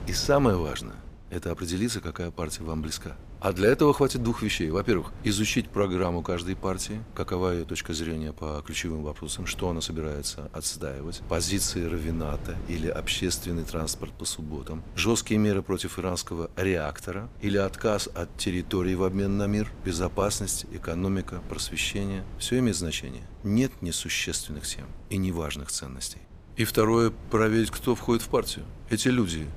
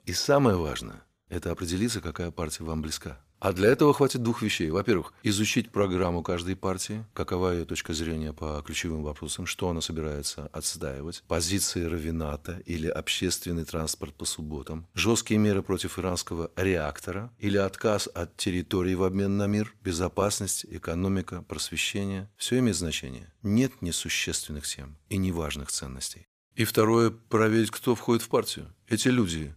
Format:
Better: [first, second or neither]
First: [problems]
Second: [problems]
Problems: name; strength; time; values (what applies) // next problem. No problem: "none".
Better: second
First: wind noise on the microphone; occasional gusts; 20 dB below the speech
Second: none